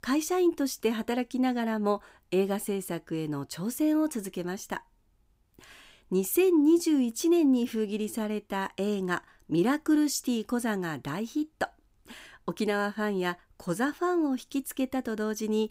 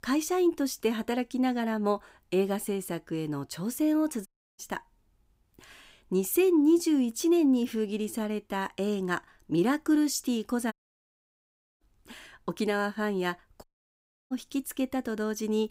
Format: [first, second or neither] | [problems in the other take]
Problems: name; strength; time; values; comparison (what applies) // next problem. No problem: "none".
first | audio cutting out; at 4.5 s, at 11 s for 1 s and at 14 s for 0.5 s